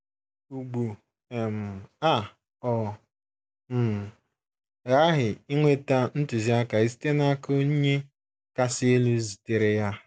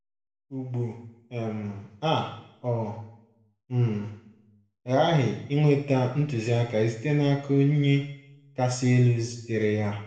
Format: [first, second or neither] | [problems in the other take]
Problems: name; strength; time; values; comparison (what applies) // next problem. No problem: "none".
first | room echo; dies away in 0.7 s